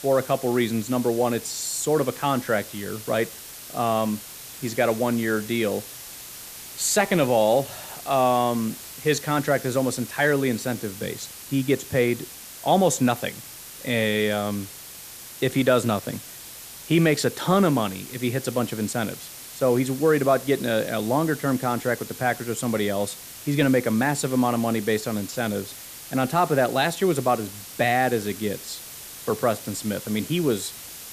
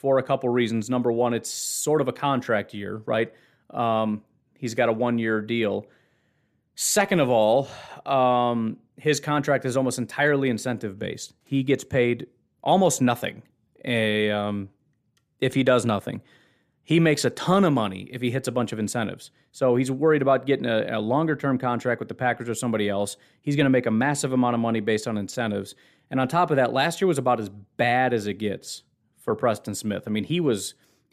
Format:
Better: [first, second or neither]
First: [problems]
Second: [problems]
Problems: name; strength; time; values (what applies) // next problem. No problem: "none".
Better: second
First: hiss; noticeable; throughout; 15 dB below the speech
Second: none